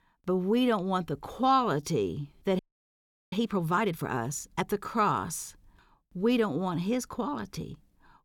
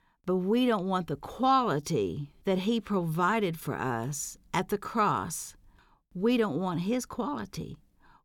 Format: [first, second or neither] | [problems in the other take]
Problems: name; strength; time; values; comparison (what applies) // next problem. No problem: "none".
second | audio freezing; at 2.5 s for 0.5 s